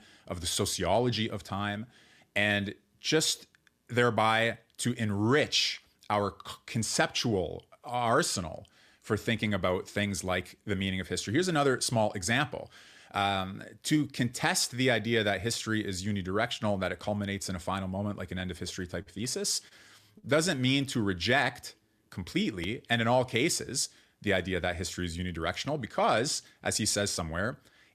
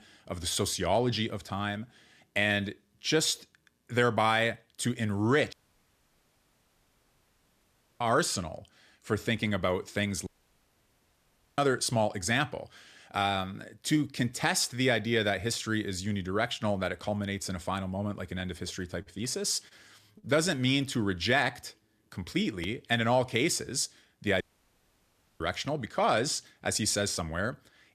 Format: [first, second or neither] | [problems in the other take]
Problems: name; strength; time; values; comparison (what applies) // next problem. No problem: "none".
first | audio cutting out; at 5.5 s for 2.5 s, at 10 s for 1.5 s and at 24 s for 1 s